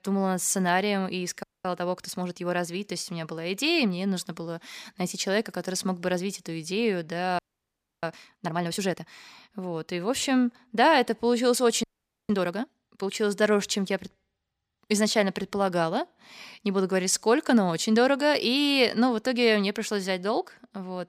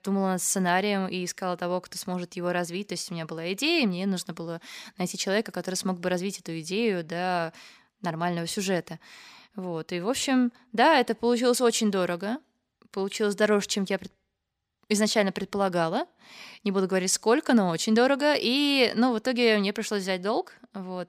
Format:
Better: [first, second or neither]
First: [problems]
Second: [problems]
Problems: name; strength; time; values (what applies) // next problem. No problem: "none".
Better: second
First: audio freezing; at 1.5 s, at 7.5 s for 0.5 s and at 12 s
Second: none